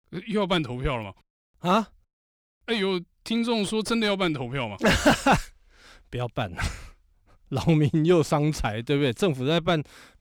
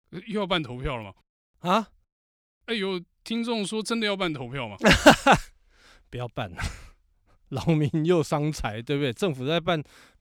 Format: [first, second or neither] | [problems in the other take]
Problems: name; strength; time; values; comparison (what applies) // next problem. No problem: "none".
second | distortion; heavy; 7 dB below the speech